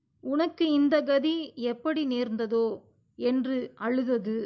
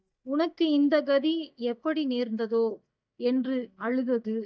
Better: first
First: none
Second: noise reduction (neural mask model DeepFilterNet 3)

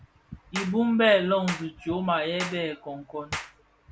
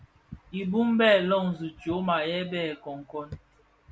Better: second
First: background sound (Clapping); 13 dB below the speech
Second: none

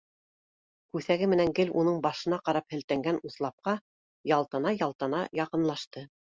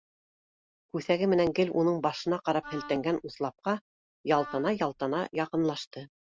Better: first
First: none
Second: background sound (Wind instrument, woodwind instrument); 17 dB below the speech

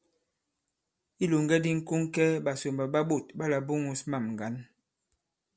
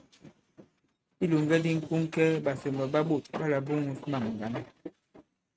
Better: first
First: none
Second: noise reduction (neural mask model RNNoise)

